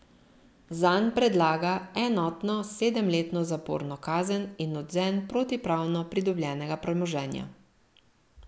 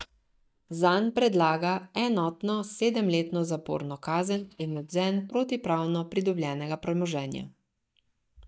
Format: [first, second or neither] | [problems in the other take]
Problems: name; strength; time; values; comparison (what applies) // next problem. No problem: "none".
first | noise reduction (neural mask model DeepFilterNet 3)